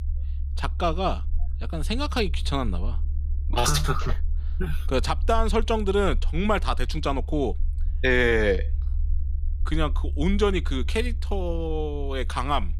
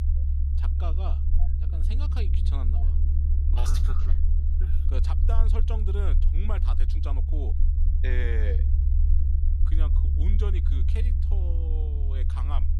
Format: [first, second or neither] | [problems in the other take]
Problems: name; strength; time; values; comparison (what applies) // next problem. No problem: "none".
first | low rumble; loud; throughout; 3 dB below the speech; faint in the first